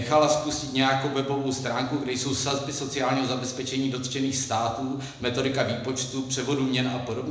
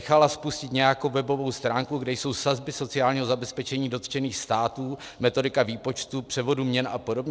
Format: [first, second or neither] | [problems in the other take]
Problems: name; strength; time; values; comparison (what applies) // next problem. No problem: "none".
second | room echo; dies away in 0.9 s